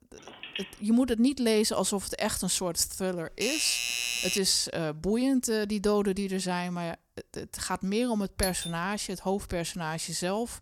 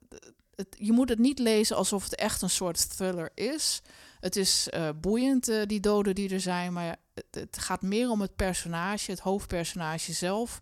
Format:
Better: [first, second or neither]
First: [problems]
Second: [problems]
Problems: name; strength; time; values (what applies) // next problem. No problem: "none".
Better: second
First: phone ringing; noticeable; at the start; peak 10 dB below the speech // doorbell; loud; from 3.5 to 4.5 s; peak 1 dB above the speech // doorbell; noticeable; at 8.5 s; peak 5 dB below the speech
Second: none